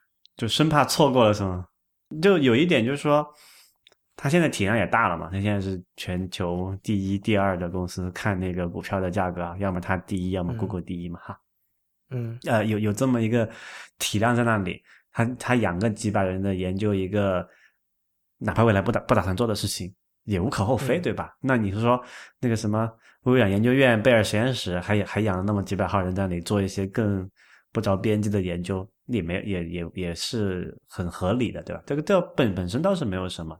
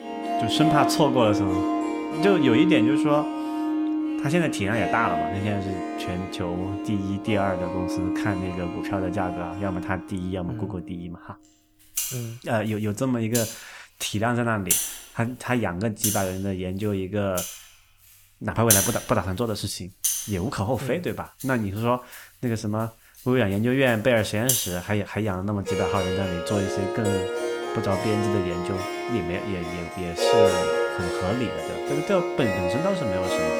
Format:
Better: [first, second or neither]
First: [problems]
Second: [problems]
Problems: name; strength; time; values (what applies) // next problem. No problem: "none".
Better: first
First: none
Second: background music; very loud; throughout; as loud as the speech